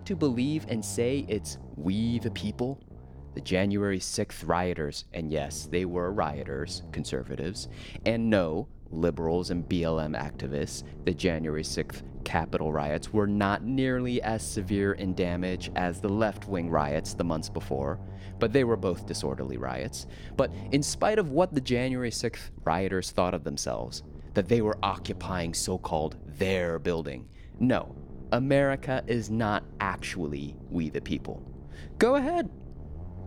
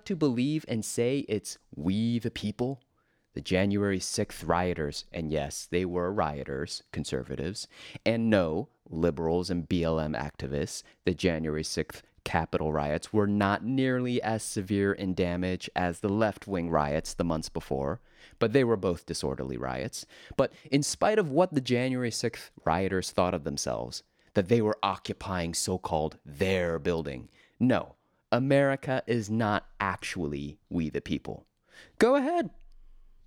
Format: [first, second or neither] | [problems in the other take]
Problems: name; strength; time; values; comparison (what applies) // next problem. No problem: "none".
second | low rumble; faint; throughout; 20 dB below the speech